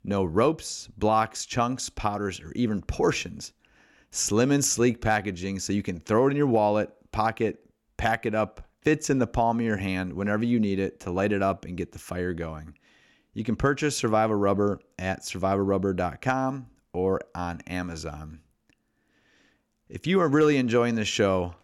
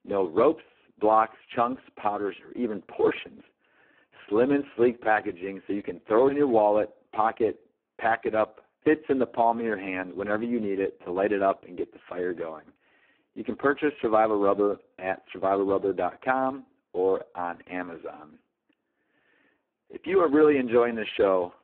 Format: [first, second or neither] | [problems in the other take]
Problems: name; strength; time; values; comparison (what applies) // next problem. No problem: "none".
first | phone-call audio; poor line